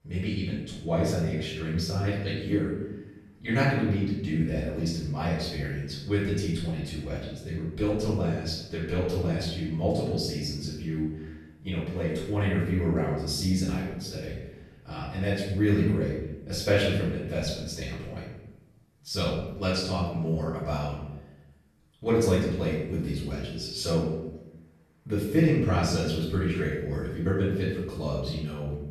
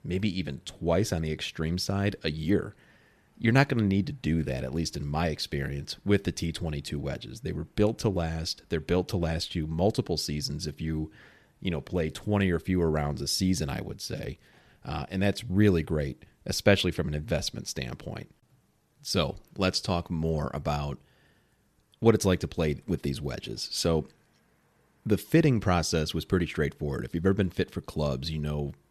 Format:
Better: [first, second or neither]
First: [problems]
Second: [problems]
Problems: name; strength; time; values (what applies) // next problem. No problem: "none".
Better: second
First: off-mic speech; far // room echo; noticeable; dies away in 0.8 s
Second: none